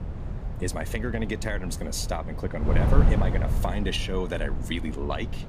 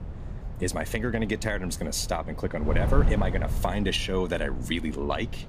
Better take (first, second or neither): second